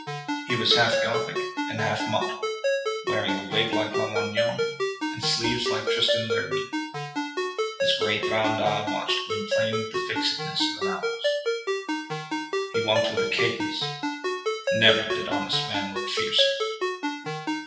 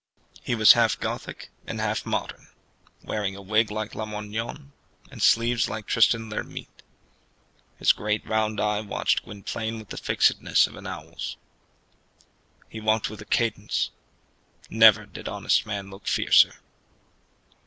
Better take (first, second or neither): second